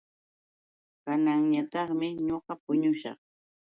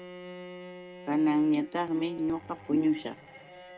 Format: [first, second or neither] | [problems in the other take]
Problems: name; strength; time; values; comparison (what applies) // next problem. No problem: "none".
first | background sound (Bowed string instrument); 16 dB below the speech